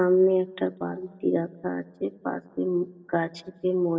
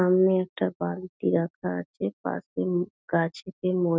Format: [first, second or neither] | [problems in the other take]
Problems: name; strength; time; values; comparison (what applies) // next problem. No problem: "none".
second | room echo; dies away in 0.6 s